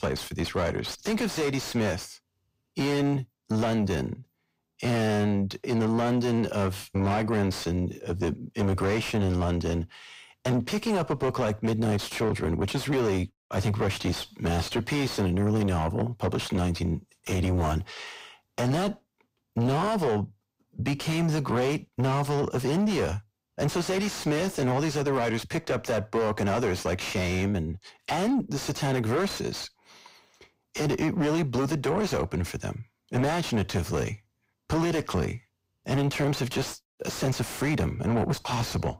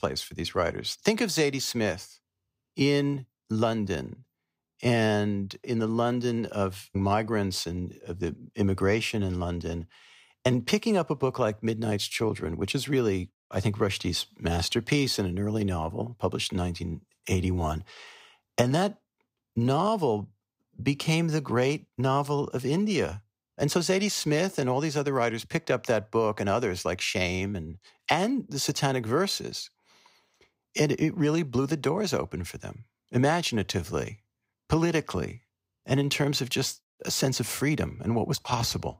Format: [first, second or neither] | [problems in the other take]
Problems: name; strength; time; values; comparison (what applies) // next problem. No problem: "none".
second | distortion; heavy; 6 dB below the speech